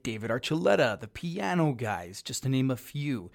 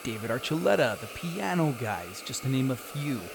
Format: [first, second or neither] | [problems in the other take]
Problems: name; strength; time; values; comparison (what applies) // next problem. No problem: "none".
first | hiss; noticeable; throughout; 10 dB below the speech